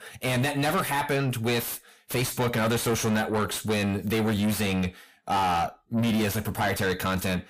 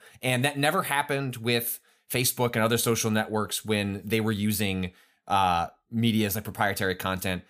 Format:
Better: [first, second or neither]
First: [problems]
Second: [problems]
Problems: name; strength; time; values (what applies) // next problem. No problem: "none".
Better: second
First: distortion; heavy; 5 dB below the speech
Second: none